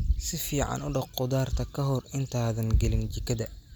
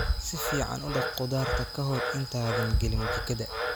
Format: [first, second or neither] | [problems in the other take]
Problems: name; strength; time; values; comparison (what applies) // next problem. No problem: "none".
first | background sound (Frog); 4 dB below the speech